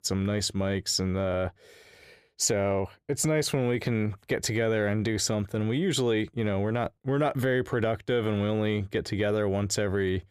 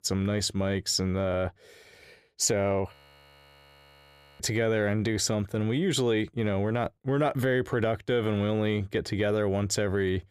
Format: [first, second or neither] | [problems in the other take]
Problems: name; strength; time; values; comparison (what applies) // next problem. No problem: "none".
first | audio freezing; at 3 s for 1.5 s